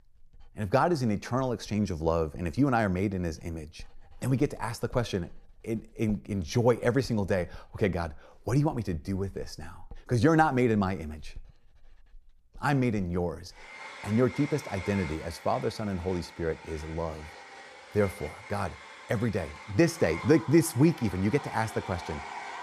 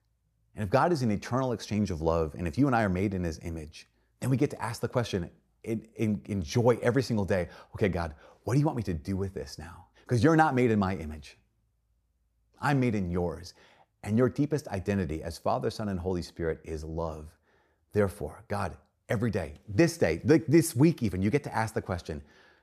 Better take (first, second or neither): second